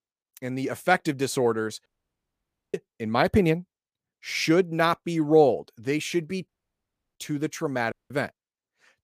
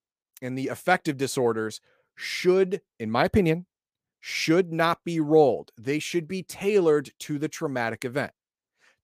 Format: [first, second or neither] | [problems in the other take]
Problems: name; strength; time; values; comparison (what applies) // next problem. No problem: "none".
second | audio cutting out; at 2 s for 1 s, at 6.5 s for 0.5 s and at 8 s